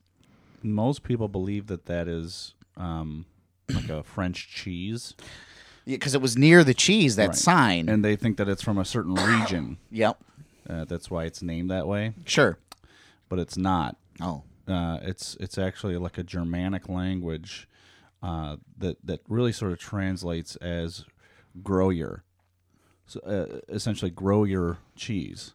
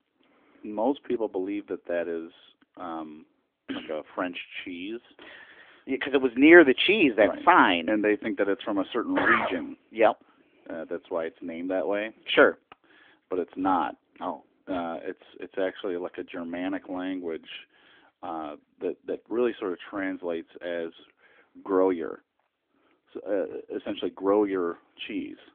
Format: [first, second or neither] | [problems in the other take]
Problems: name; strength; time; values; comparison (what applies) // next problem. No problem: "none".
first | phone-call audio; nothing above 3.5 kHz